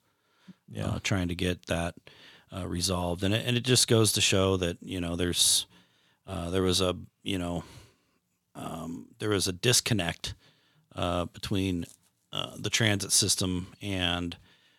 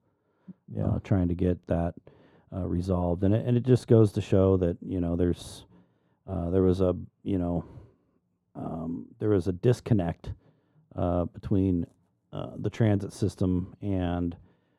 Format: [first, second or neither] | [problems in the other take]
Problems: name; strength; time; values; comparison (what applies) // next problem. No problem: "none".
first | muffled; very; fading above 1.5 kHz